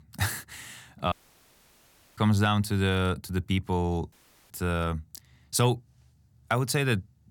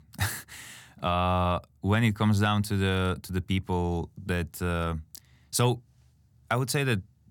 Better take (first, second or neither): second